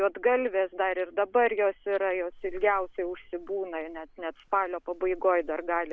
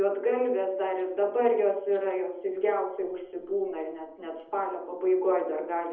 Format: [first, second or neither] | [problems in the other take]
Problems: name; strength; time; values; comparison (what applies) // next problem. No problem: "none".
first | room echo; dies away in 0.7 s